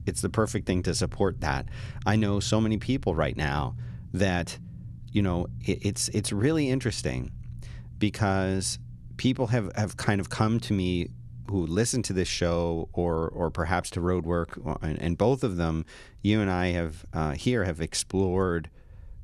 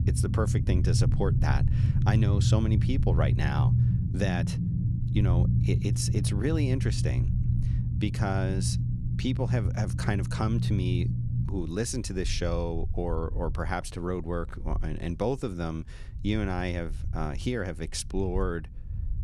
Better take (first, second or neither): first